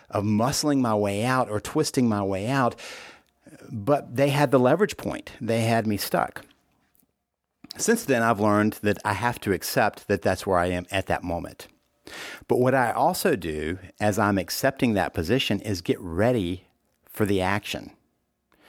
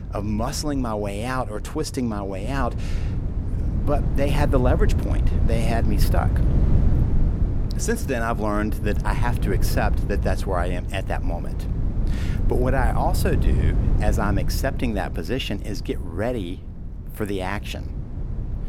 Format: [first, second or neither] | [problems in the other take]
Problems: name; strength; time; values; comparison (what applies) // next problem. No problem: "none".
first | wind noise on the microphone; occasional gusts; 10 dB below the speech